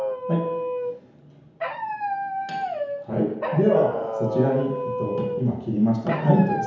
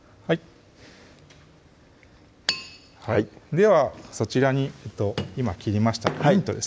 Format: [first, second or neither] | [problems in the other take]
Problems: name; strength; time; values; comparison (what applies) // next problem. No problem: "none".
second | background sound (Dog); 4 dB below the speech // room echo; dies away in 1 s